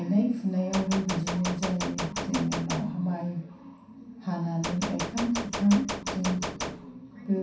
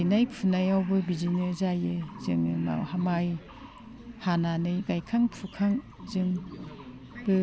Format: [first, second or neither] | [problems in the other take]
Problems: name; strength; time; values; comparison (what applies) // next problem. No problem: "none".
second | background sound (Gunshot, gunfire); 5 dB below the speech // room echo; dies away in 0.7 s